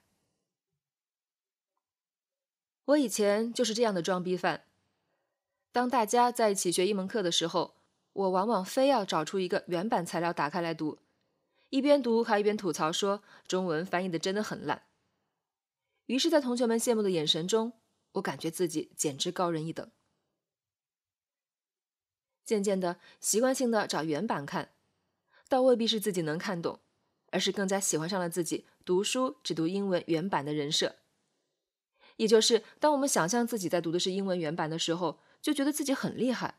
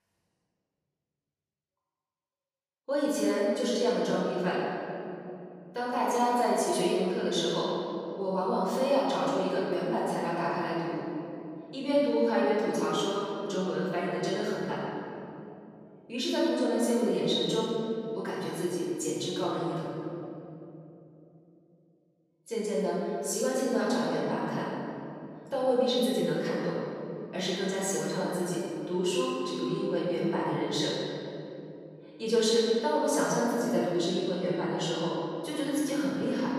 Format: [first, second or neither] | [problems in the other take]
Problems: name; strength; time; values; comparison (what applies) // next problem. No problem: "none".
first | room echo; strong; dies away in 2.9 s // off-mic speech; far